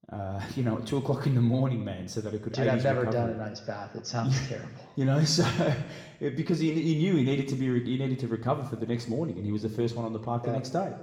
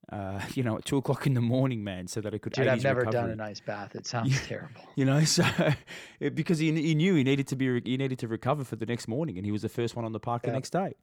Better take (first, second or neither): second